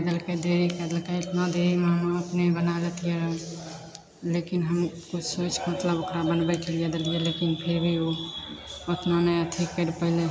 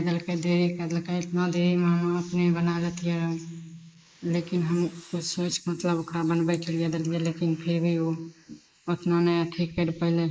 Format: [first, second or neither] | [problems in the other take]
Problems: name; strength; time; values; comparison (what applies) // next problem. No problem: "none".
first | noise reduction (neural mask model Resemble Enhance denoiser)